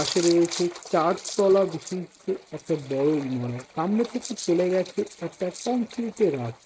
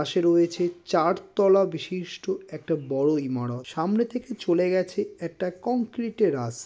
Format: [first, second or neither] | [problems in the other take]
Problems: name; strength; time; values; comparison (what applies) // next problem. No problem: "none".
second | noise reduction (neural mask model RNNoise)